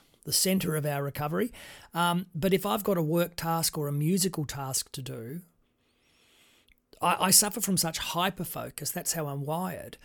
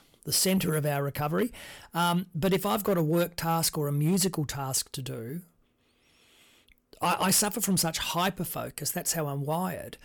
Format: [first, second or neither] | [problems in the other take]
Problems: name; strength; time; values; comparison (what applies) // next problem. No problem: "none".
first | distortion; slight; 4% of the sound clipped